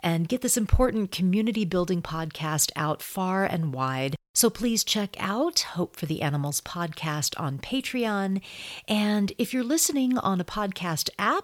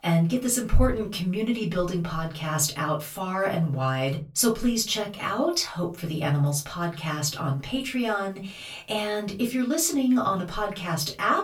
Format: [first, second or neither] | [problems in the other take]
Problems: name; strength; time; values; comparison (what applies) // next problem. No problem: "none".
first | off-mic speech; far // room echo; very slight; dies away in 0.2 s